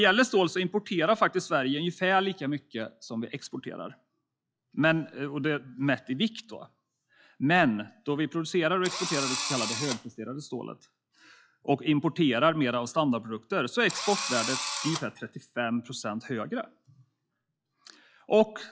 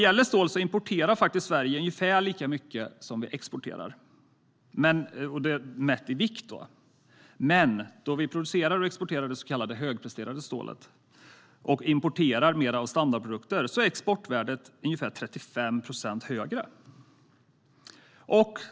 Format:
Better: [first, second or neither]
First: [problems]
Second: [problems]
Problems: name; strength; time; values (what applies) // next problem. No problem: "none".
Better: second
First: noise reduction (classical method log-MMSE)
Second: none